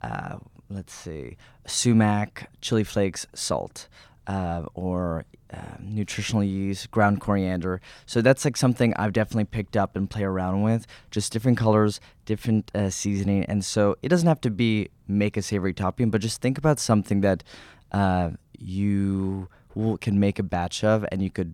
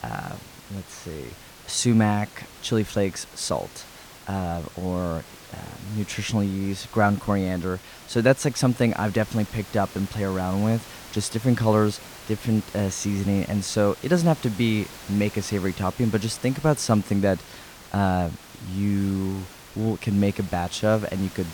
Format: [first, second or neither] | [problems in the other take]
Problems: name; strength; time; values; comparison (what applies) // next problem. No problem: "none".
first | hiss; noticeable; throughout; 15 dB below the speech